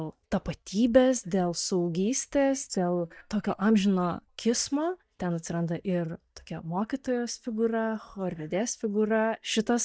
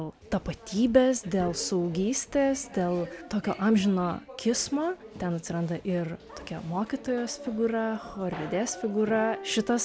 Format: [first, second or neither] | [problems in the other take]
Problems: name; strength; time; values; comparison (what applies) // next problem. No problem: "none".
second | noise reduction (neural mask model DeepFilterNet 3)